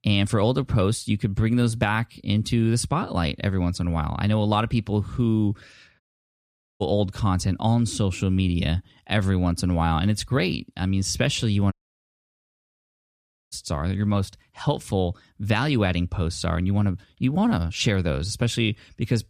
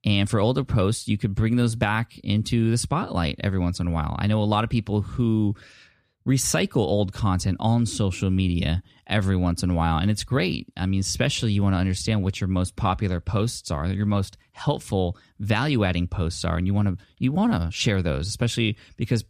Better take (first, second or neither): second